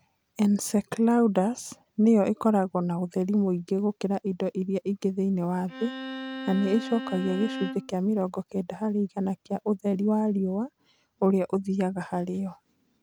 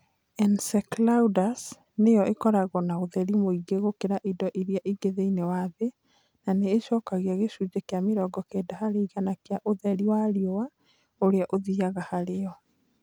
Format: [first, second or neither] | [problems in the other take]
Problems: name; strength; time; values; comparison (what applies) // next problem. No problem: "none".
second | background sound (Bowed string instrument); 10 dB below the speech